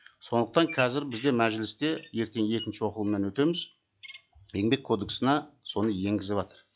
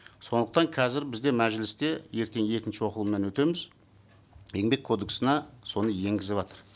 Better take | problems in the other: second | noise reduction (classical method log-MMSE)

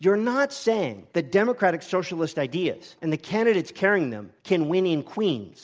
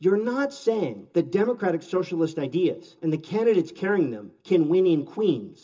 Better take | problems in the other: first | room echo; dies away in 0.2 s

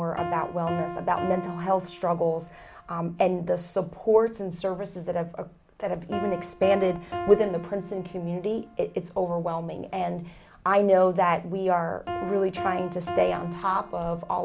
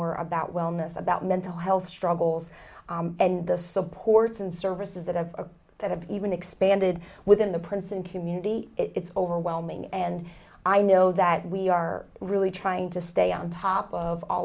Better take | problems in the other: second | background sound (Piano); 12 dB below the speech

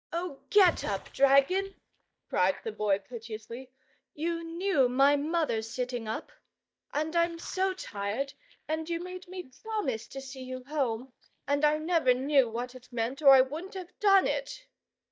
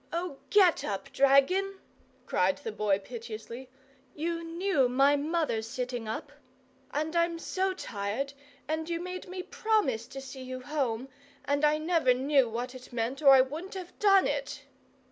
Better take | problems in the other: second | noise reduction (neural mask model DeepFilterNet 3)

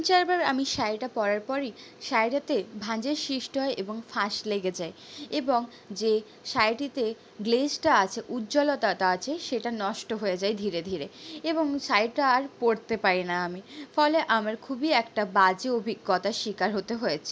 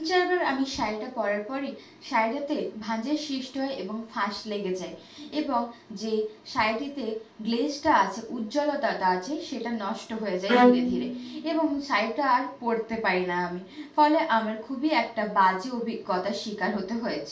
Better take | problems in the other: first | background sound (Bowed string instrument); 2 dB above the speech // room echo; dies away in 0.3 s

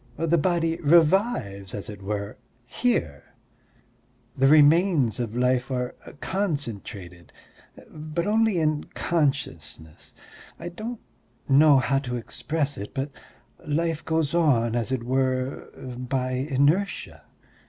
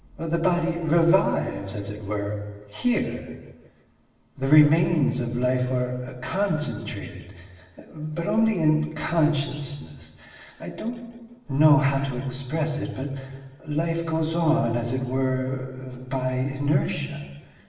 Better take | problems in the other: first | room echo; dies away in 1.3 s

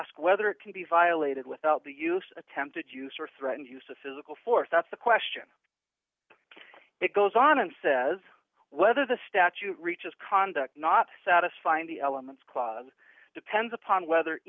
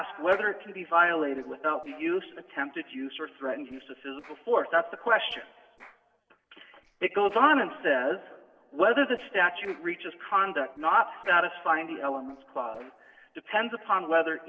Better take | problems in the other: first | noise reduction (neural separator model SepFormer DNS4)

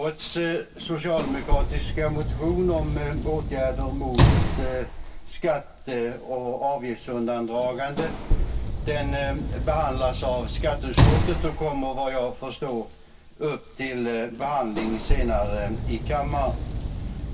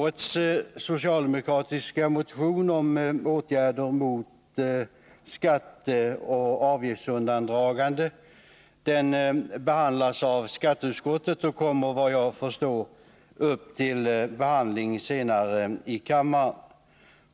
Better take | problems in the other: second | background sound (Sliding door / Slam); 1 dB above the speech // room echo; dies away in 0.2 s

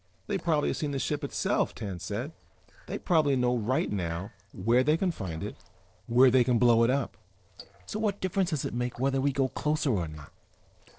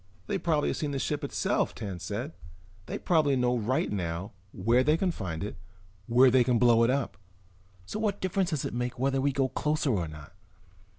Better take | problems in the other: second | noise reduction (neural separator model SepFormer DNS4)

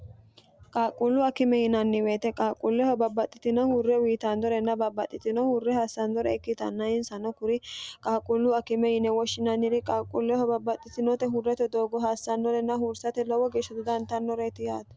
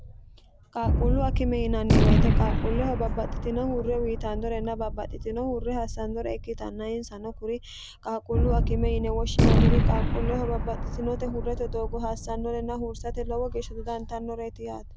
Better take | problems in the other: first | background sound (Gunshot, gunfire); 5 dB above the speech

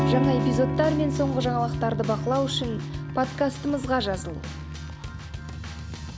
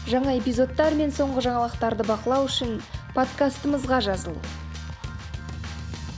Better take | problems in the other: second | background sound (Electric guitar / Strum); 3 dB below the speech

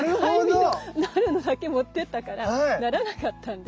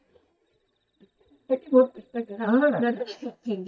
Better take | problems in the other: first | noise reduction (neural mask model DeepFilterNet 3)

